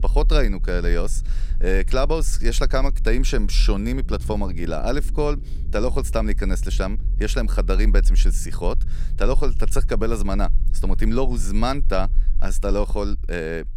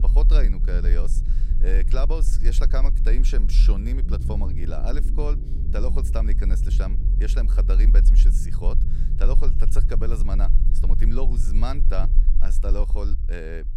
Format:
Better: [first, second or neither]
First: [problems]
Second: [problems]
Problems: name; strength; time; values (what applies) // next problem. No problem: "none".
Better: first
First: low rumble; faint; throughout; 20 dB below the speech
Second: low rumble; loud; throughout; 9 dB below the speech